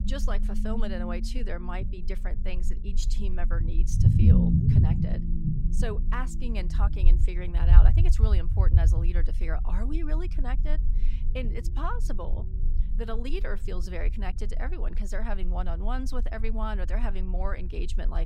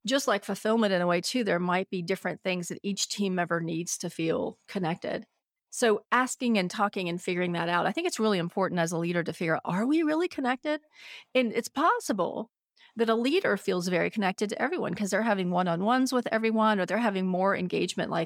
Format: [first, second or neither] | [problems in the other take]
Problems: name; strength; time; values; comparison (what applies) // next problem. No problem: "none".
second | low rumble; loud; throughout; 2 dB below the speech